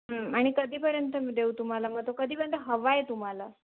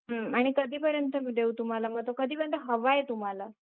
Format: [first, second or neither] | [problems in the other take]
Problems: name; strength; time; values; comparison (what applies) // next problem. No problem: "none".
first | noise reduction (neural mask model Resemble Enhance denoiser)